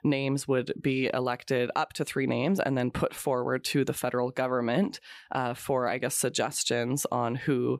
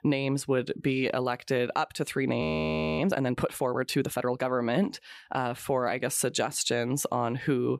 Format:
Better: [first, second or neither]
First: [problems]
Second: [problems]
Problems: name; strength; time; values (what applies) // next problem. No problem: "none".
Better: first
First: none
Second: audio freezing; at 2.5 s for 0.5 s